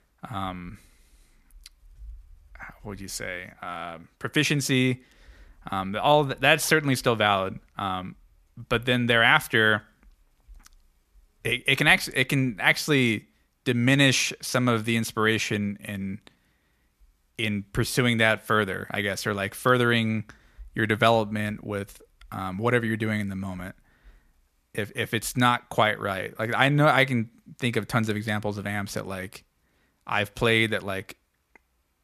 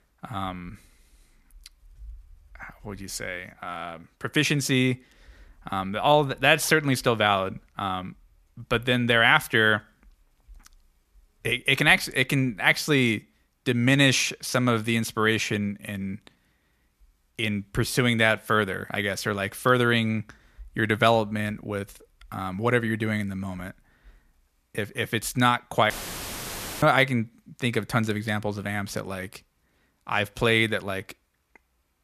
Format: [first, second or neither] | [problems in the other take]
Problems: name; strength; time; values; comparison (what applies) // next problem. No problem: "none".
first | audio cutting out; filled with static; at 26 s for 1 s